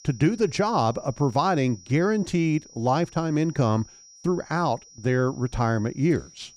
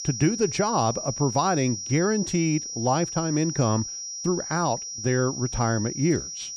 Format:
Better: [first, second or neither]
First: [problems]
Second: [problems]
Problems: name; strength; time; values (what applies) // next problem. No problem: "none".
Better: first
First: high-pitched whine; faint; throughout; 5.5 kHz, 25 dB below the speech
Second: high-pitched whine; loud; throughout; 5.5 kHz, 6 dB below the speech